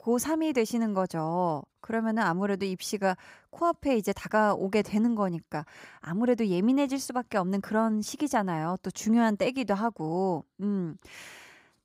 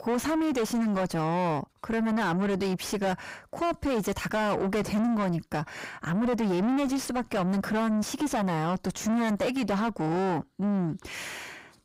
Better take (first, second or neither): first